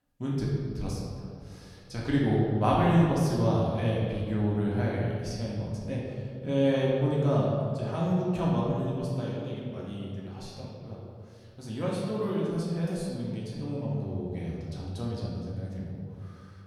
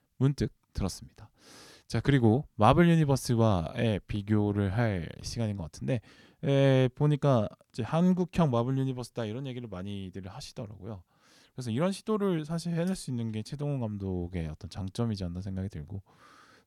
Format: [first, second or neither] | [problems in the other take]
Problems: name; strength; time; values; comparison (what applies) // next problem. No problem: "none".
second | room echo; noticeable; dies away in 1.8 s // off-mic speech; far